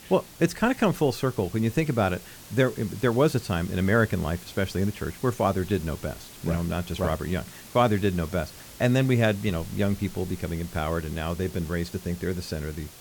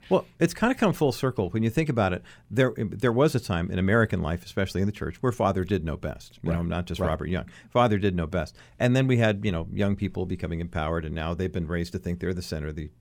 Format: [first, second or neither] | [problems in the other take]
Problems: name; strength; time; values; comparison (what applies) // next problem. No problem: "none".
second | hiss; noticeable; throughout; 15 dB below the speech